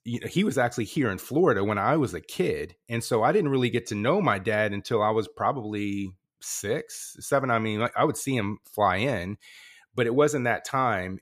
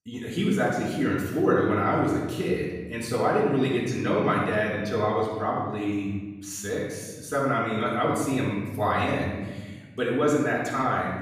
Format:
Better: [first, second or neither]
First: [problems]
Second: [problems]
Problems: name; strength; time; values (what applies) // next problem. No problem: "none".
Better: first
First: none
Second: off-mic speech; far // room echo; noticeable; dies away in 1.3 s